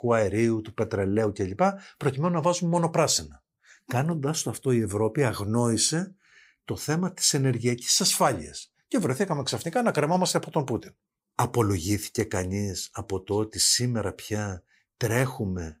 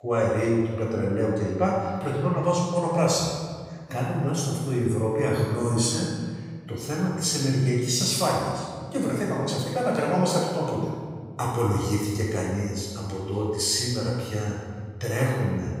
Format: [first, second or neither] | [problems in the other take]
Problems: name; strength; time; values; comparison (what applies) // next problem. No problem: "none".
first | off-mic speech; far // room echo; strong; dies away in 1.7 s